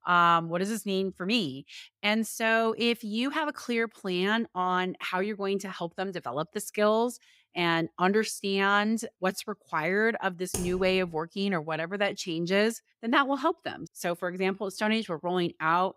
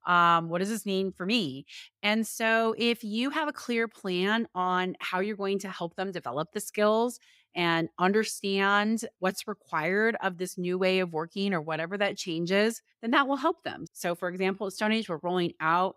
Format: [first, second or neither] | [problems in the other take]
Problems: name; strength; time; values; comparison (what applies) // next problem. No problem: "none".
second | keyboard typing; noticeable; at 11 s; peak 7 dB below the speech